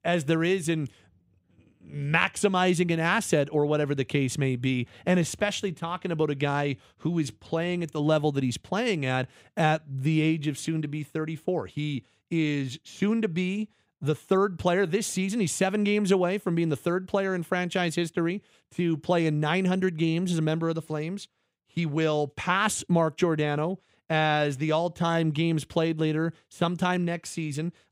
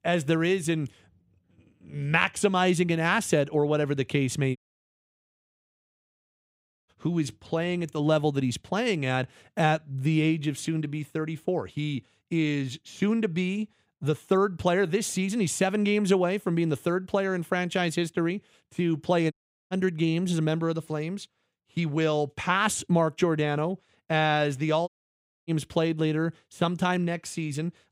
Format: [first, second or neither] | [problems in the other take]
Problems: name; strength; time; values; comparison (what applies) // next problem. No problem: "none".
first | audio cutting out; at 4.5 s for 2.5 s, at 19 s and at 25 s for 0.5 s